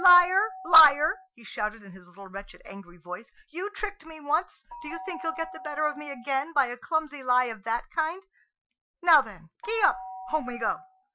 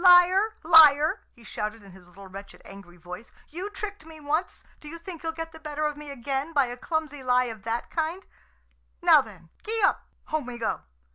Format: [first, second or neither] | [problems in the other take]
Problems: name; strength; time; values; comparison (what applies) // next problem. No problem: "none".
second | noise reduction (classical method Wiener filter)